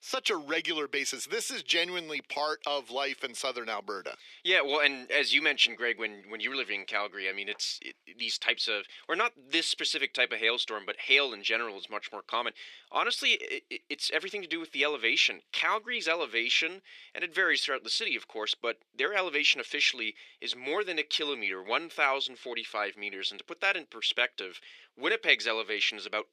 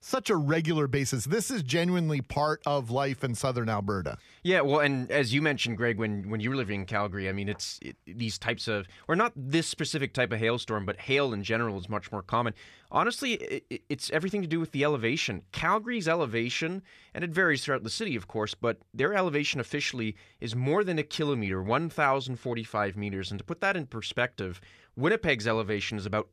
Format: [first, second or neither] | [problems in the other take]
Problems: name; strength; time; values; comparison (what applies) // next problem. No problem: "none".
second | thin; somewhat; fading below 300 Hz